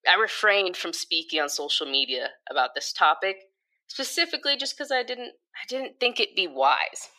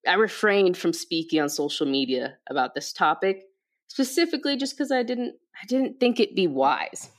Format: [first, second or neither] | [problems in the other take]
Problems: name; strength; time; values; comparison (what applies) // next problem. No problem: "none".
second | thin; very; fading below 600 Hz